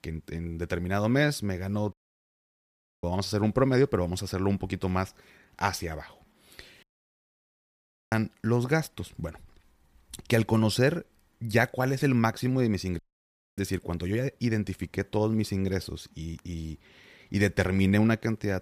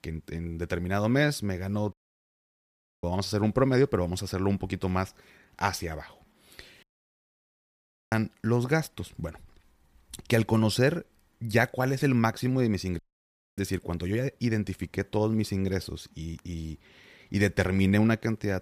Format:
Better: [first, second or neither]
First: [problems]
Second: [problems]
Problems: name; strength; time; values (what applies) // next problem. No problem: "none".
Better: neither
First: audio cutting out; at 2 s for 1 s, at 7 s for 1.5 s and at 13 s for 0.5 s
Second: audio cutting out; at 2 s for 1 s, at 7 s for 1.5 s and at 13 s for 0.5 s